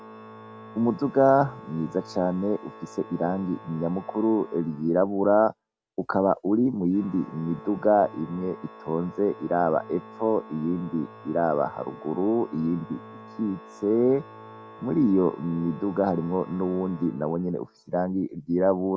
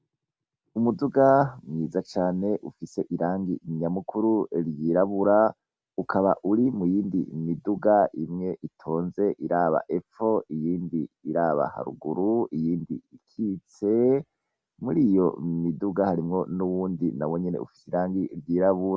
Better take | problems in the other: second | background sound (Organ); 19 dB below the speech

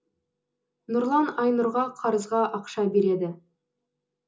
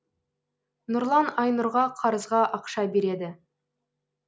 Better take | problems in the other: second | room echo; dies away in 0.2 s

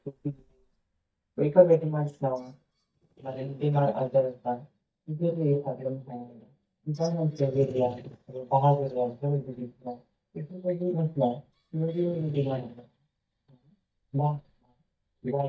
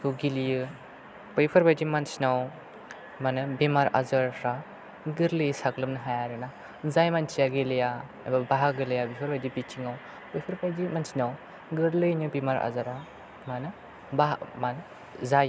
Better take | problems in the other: second | noise reduction (neural mask model DeepFilterNet 3)

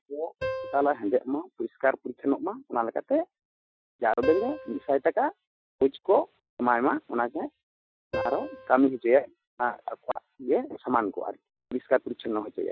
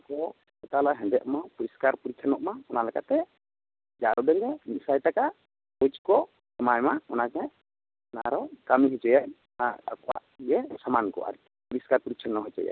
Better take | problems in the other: second | noise reduction (classical method Wiener filter)

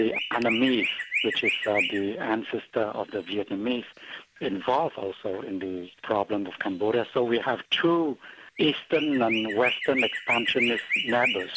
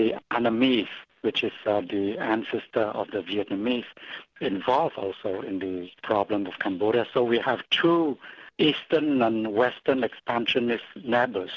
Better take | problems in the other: second | background sound (Chirp, tweet); 6 dB below the speech

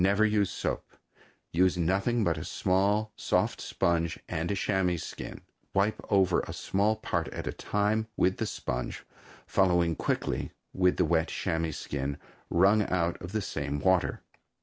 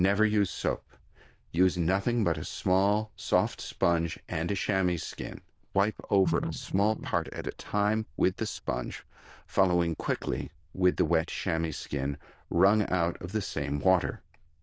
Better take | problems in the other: first | noise reduction (neural diffusion model UNIVERSE++)

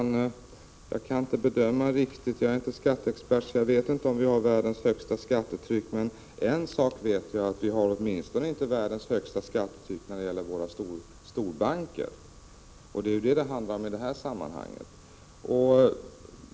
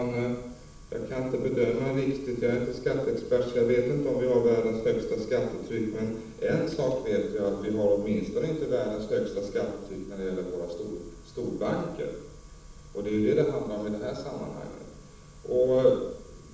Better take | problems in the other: first | room echo; dies away in 0.7 s

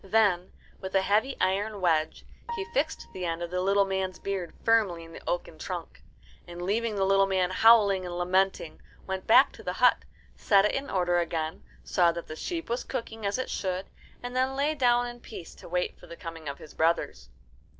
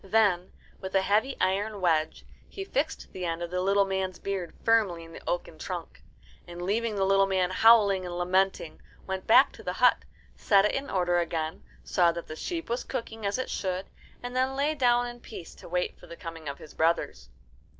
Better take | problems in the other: second | background sound (Piano); 18 dB below the speech

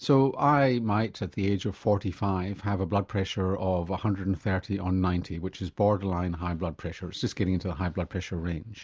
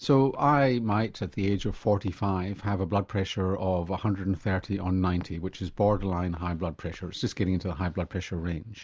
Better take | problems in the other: first | background sound (Walk, footsteps); 19 dB below the speech

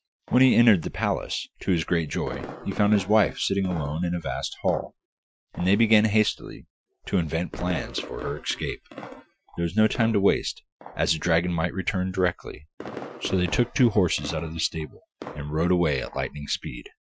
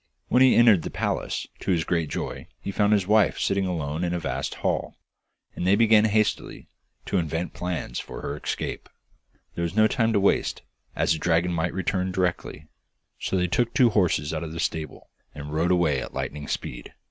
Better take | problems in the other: second | noise reduction (classical method Wiener filter)

